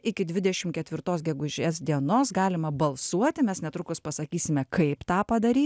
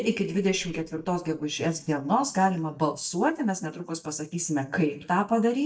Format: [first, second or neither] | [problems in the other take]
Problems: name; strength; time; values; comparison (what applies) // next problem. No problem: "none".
first | noise reduction (neural mask model DeepFilterNet 3)